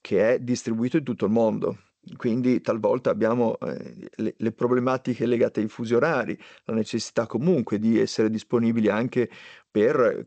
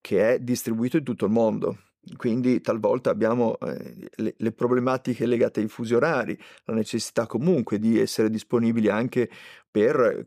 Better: second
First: garbled, watery; slightly; nothing above 8 kHz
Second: none

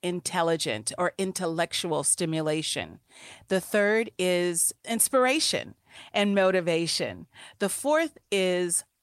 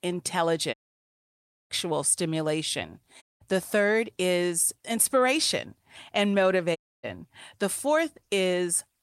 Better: first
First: none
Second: audio cutting out; at 0.5 s for 1 s, at 3 s and at 7 s

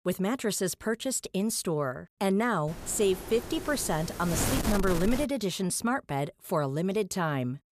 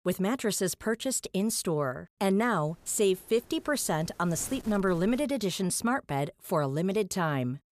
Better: second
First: wind noise on the microphone; heavy; from 2.5 to 5.5 s; 6 dB below the speech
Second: wind noise on the microphone; occasional gusts; from 2.5 to 5.5 s; 25 dB below the speech

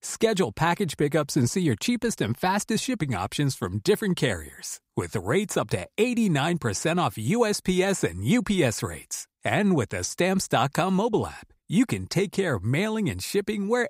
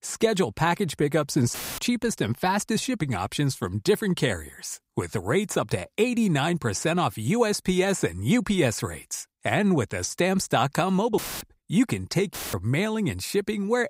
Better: first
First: none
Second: audio cutting out; filled with static; at 1.5 s, at 11 s and at 12 s

